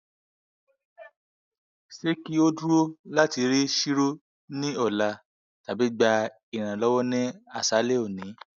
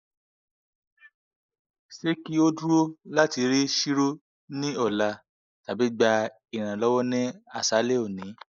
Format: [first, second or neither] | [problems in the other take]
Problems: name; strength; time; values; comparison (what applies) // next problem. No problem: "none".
first | noise reduction (neural mask model Resemble Enhance denoiser)